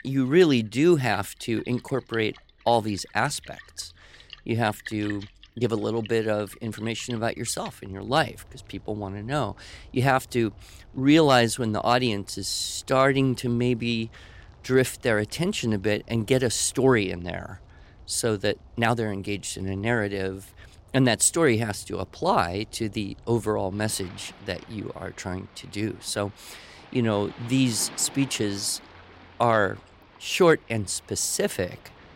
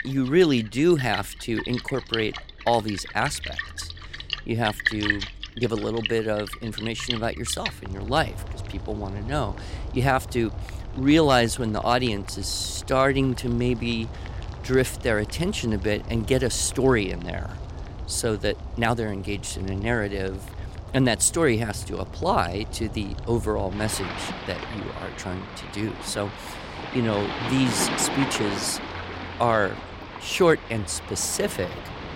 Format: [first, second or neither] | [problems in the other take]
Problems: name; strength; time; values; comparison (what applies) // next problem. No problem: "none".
first | rain or running water; loud; throughout; 9 dB below the speech; faint in the first